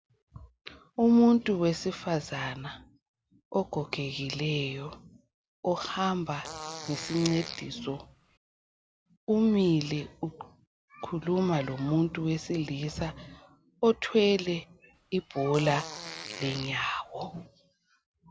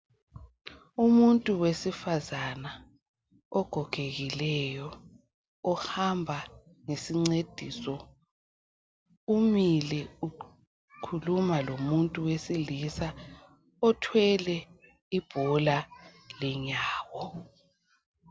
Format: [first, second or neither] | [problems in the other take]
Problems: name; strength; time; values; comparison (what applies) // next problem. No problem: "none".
second | background sound (Fart); 13 dB below the speech